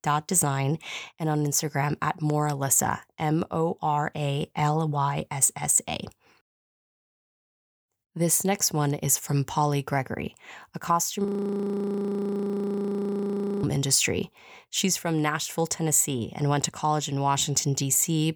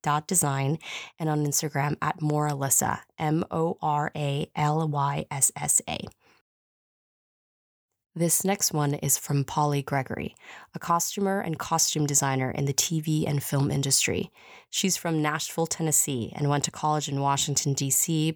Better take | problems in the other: second | audio freezing; at 11 s for 2.5 s

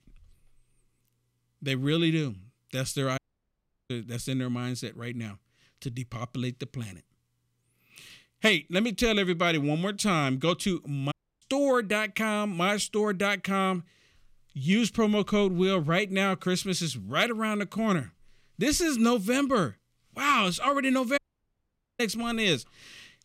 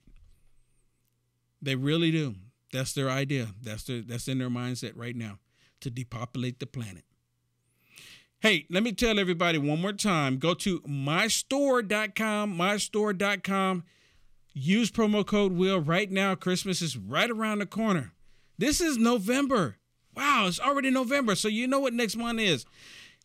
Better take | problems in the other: second | audio cutting out; at 3 s for 0.5 s, at 11 s and at 21 s for 1 s

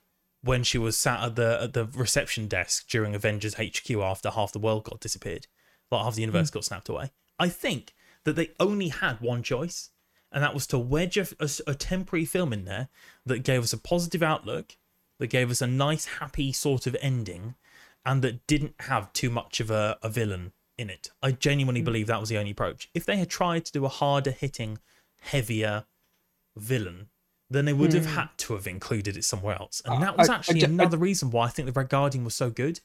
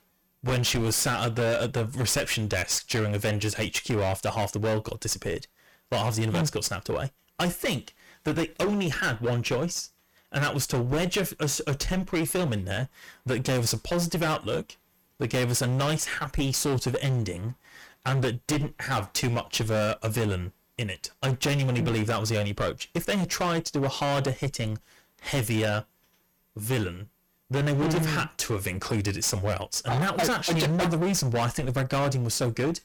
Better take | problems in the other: first | distortion; heavy; 21% of the sound clipped

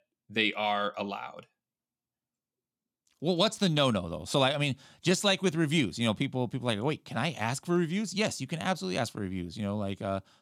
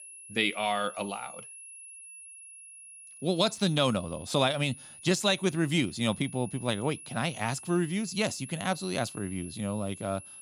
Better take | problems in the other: first | high-pitched whine; noticeable; throughout; 10.5 kHz, 15 dB below the speech

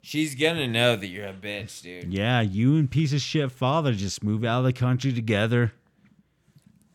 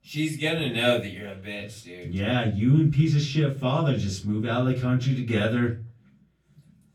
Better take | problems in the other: first | off-mic speech; far // room echo; very slight; dies away in 0.3 s

